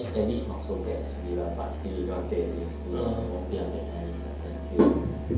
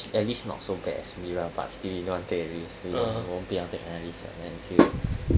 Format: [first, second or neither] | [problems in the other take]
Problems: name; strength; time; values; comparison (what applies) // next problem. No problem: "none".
second | background sound (Musical instrument); 5 dB below the speech // room echo; dies away in 2.2 s